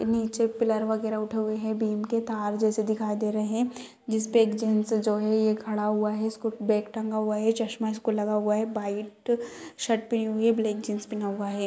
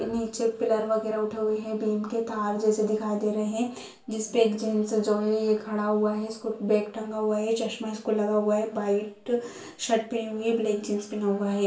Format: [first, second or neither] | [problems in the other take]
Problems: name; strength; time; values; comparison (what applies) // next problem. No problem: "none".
first | room echo; dies away in 0.3 s